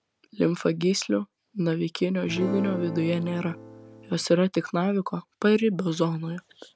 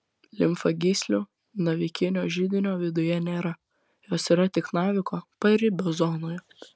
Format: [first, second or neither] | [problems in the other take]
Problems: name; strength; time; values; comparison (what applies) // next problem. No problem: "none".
second | background sound (Acoustic guitar / Strum); 9 dB below the speech